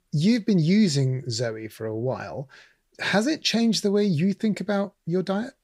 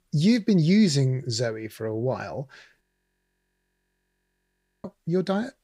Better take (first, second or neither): first